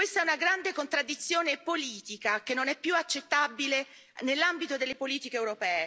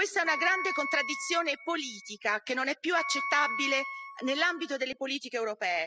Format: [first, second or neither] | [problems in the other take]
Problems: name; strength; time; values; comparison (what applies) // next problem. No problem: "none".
first | noise reduction (classical method spectral subtraction)